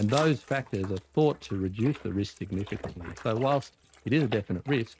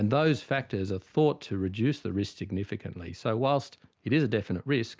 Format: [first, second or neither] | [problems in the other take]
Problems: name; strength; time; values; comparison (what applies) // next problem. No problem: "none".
second | noise reduction (neural mask model RNNoise)